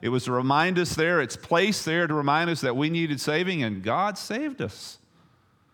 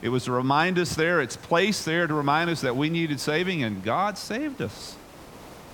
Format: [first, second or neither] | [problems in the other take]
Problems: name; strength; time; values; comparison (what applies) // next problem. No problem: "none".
first | hiss; faint; throughout; 20 dB below the speech